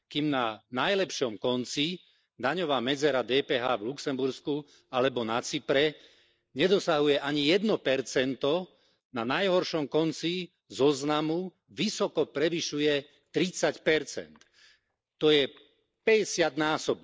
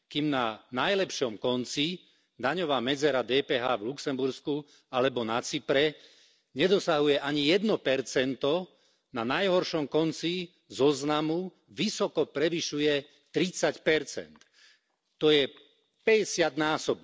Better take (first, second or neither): second